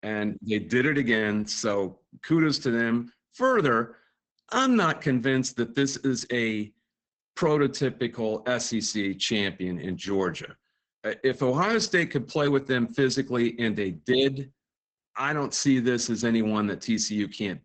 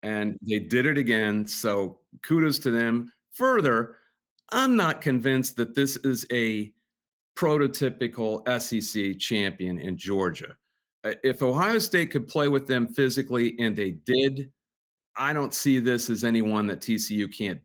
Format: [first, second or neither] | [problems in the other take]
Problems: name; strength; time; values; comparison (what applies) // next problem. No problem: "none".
second | garbled, watery; badly; nothing above 7.5 kHz; slightly in the second